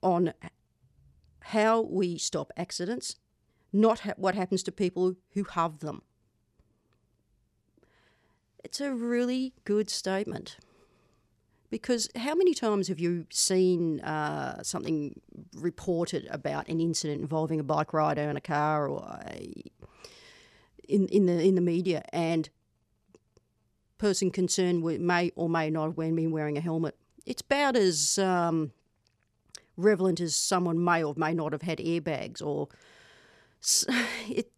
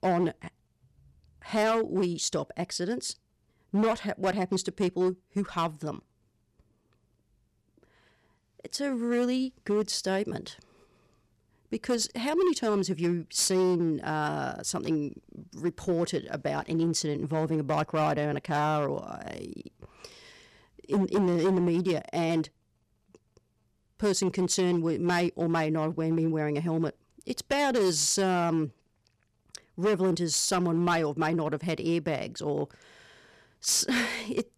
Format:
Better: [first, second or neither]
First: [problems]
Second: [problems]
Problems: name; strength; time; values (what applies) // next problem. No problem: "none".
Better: first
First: none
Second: distortion; slight; 6% of the sound clipped